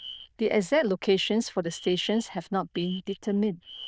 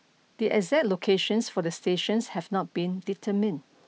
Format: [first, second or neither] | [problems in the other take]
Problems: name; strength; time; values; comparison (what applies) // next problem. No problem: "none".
second | noise reduction (neural diffusion model UNIVERSE++)